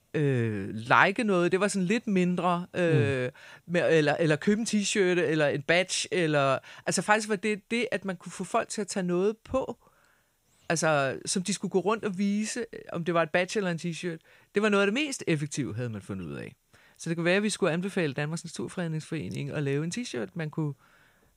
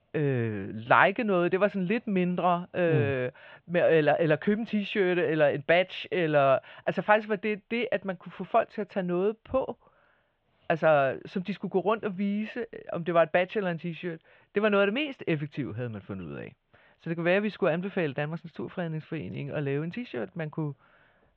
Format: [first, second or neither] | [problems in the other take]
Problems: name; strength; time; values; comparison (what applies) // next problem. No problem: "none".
first | muffled; very; fading above 3 kHz